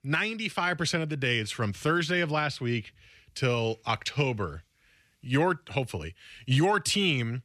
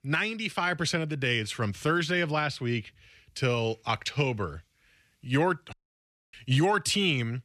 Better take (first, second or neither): first